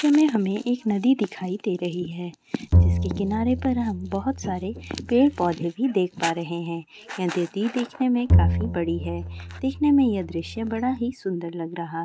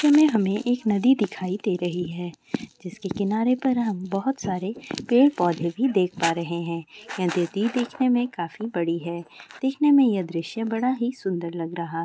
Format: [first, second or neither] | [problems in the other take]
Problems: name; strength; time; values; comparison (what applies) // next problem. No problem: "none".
second | background sound (Bowed string instrument); 1 dB below the speech